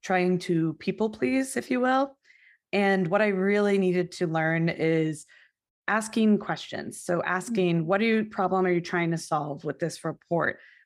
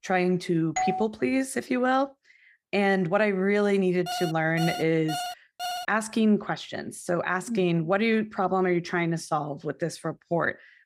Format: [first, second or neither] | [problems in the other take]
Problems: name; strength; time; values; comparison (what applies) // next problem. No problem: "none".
first | doorbell; noticeable; at 1 s; peak 2 dB below the speech // alarm; noticeable; from 4 to 6 s; peak 7 dB below the speech